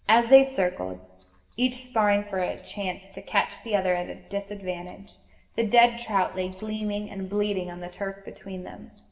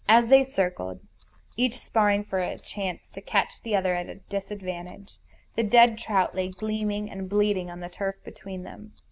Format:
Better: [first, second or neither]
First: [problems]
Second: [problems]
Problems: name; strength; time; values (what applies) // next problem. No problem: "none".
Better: second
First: room echo; dies away in 0.9 s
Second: none